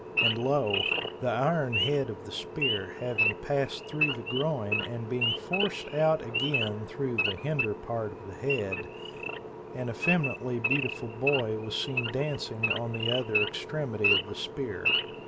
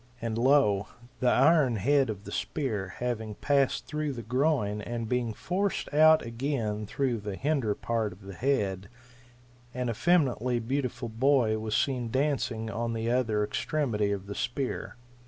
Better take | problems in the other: second | background sound (Idling / Wild animals); 1 dB below the speech

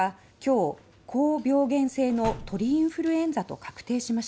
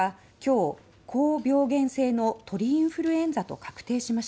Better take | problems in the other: second | background sound (Slam); 14 dB below the speech

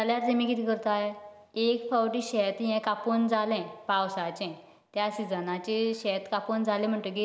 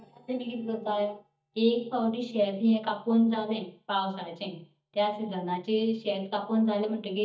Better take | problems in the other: first | noise reduction (neural mask model DeepFilterNet 3)

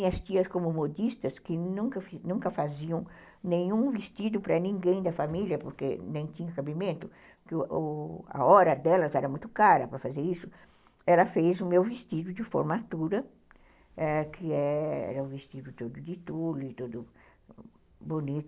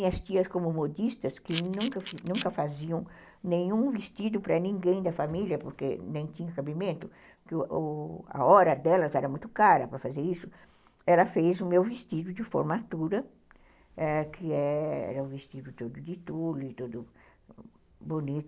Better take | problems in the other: first | background sound (Camera); 12 dB below the speech

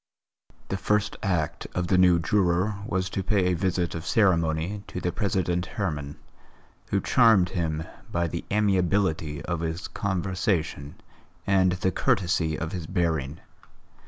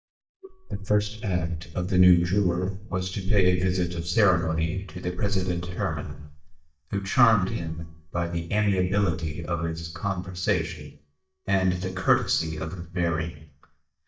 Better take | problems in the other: first | noise reduction (neural mask model DeepFilterNet 3)

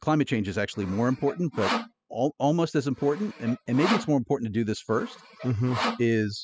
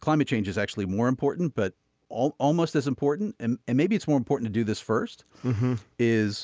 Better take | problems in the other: second | noise reduction (classical method spectral subtraction)

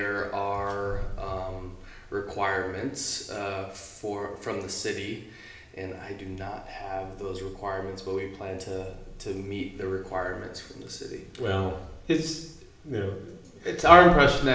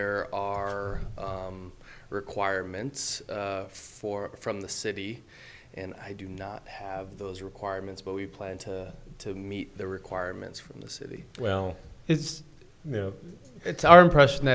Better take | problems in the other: second | room echo; dies away in 0.8 s

